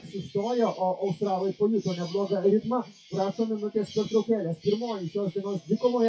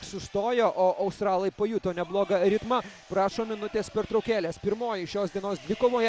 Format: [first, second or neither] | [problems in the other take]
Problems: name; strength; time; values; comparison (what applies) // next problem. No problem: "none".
second | noise reduction (classical method WPE with log-MMSE)